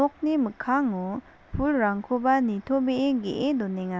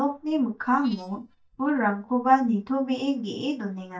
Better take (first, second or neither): first